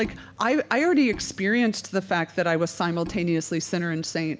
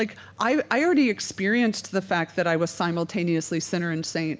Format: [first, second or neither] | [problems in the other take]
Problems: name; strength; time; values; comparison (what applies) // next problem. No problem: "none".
second | background sound (Bowed string instrument); 20 dB below the speech